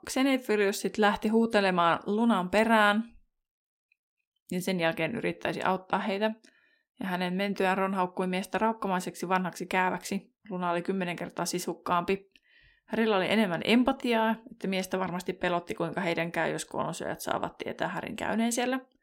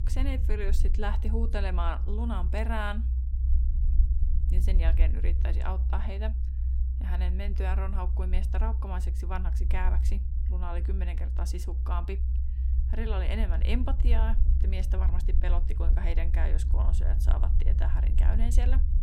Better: first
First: none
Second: low rumble; loud; throughout; 9 dB below the speech

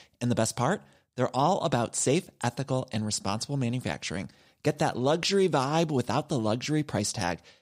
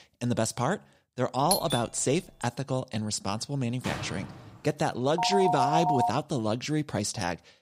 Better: first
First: none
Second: doorbell; loud; at 1.5 s; peak 1 dB above the speech // door banging; noticeable; at 4 s; peak 7 dB below the speech // phone ringing; loud; at 5 s; peak 3 dB above the speech

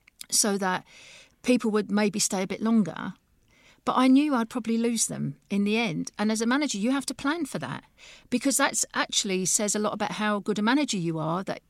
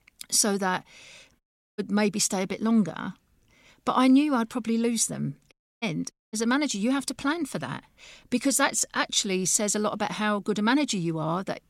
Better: first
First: none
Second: audio cutting out; at 1.5 s, at 5.5 s and at 6 s

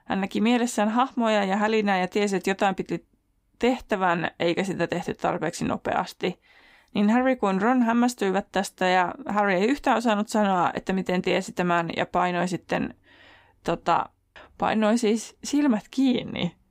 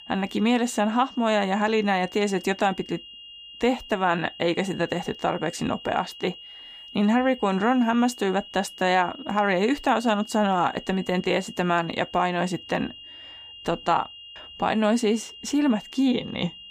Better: first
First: none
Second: high-pitched whine; noticeable; throughout; 3 kHz, 15 dB below the speech

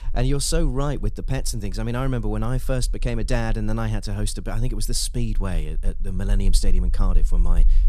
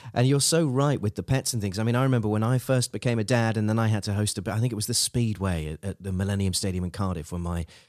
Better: second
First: low rumble; faint; throughout; 25 dB below the speech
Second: none

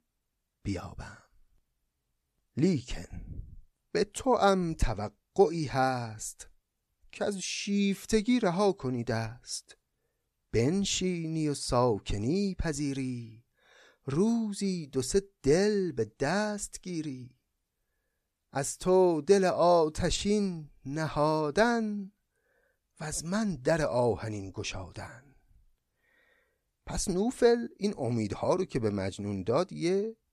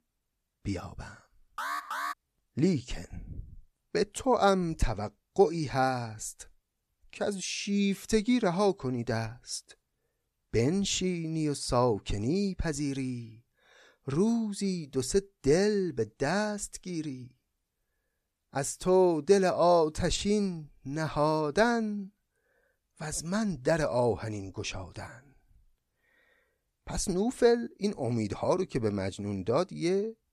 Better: first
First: none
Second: alarm; noticeable; at 1.5 s; peak 5 dB below the speech

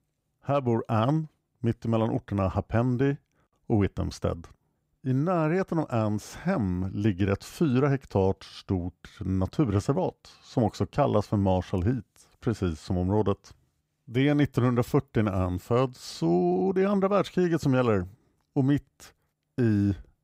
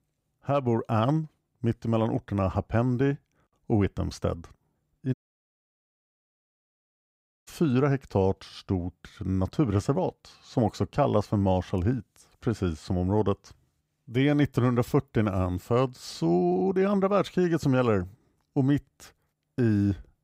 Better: first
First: none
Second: audio cutting out; at 5 s for 2.5 s

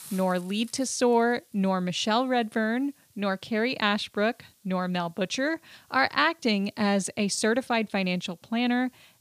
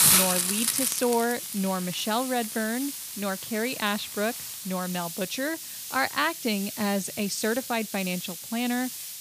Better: first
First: hiss; faint; throughout; 30 dB below the speech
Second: hiss; loud; throughout; 1 dB below the speech

